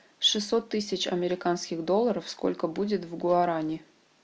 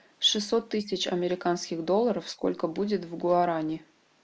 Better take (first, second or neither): first